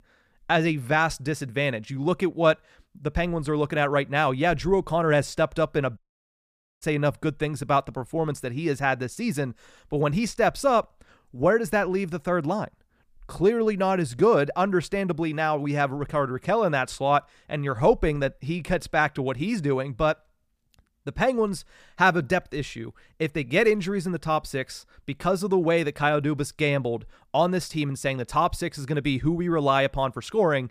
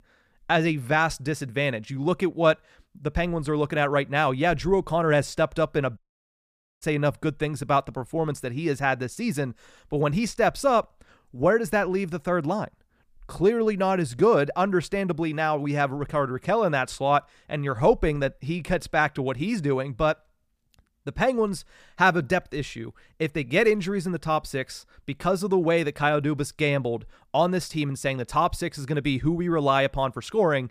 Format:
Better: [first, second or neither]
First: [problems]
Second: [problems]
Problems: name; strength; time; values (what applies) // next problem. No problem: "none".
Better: neither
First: audio cutting out; at 6 s for 1 s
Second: audio cutting out; at 6 s for 1 s